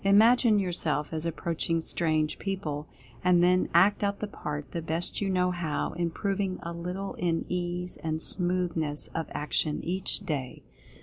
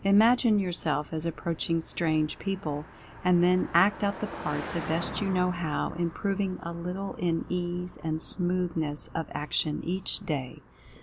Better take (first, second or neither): first